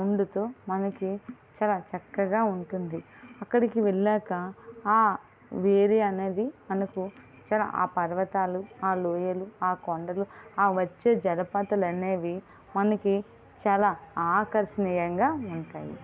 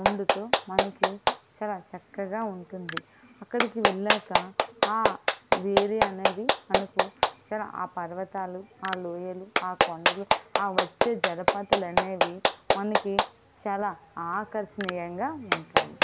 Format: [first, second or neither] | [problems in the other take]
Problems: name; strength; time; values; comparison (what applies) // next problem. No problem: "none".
first | background sound (Clapping); 4 dB above the speech